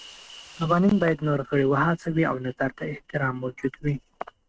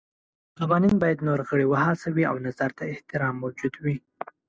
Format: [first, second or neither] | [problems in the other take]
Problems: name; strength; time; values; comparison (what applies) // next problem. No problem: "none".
second | noise reduction (neural mask model RNNoise)